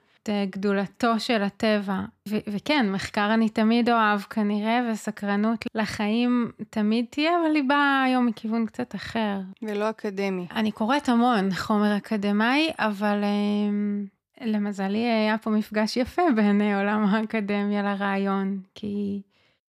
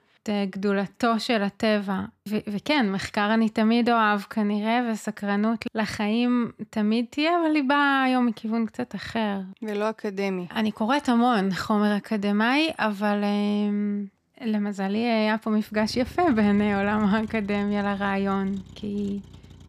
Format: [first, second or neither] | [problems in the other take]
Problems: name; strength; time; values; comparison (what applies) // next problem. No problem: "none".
first | traffic noise; faint; from 12 s on; 20 dB below the speech